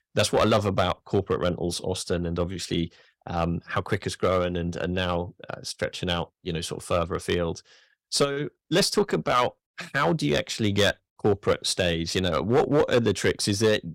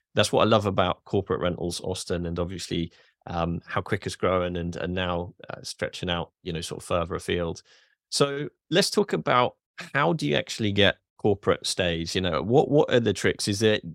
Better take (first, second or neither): second